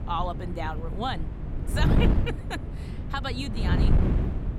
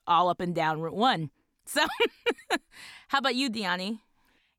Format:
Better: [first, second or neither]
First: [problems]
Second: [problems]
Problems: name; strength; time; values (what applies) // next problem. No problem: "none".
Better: second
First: wind noise on the microphone; heavy; 4 dB below the speech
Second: none